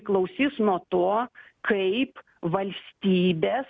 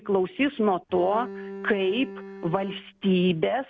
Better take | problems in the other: first | background sound (Bowed string instrument); 13 dB below the speech

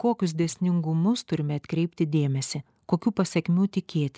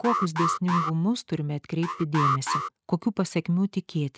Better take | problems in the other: first | noise reduction (neural mask model RNNoise)

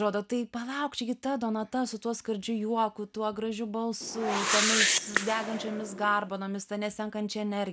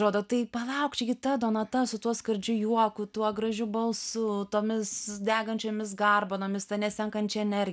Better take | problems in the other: second | background sound (Whoosh, swoosh, swish); 1 dB above the speech

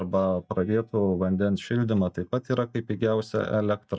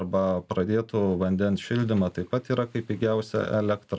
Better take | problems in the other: second | noise reduction (neural mask model DeepFilterNet 3)

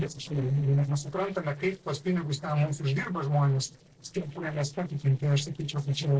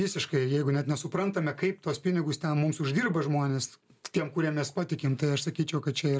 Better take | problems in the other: second | noise reduction (neural separator model SepFormer DNS4)

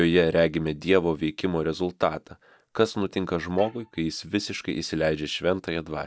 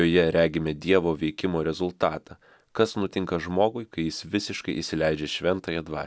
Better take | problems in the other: second | noise reduction (neural mask model DeepFilterNet 3)

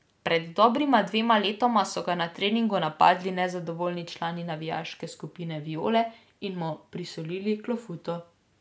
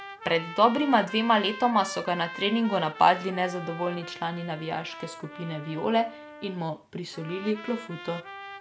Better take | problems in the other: first | background sound (Trumpet); 14 dB below the speech

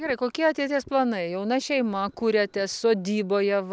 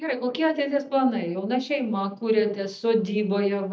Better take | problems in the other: first | noise reduction (neural mask model DeepFilterNet 3)

